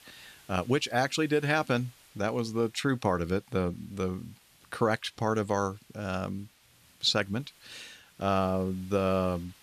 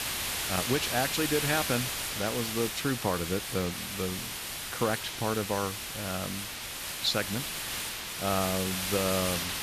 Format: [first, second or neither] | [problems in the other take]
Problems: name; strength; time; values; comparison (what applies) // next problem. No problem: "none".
first | hiss; loud; throughout; 1 dB below the speech; faint in the first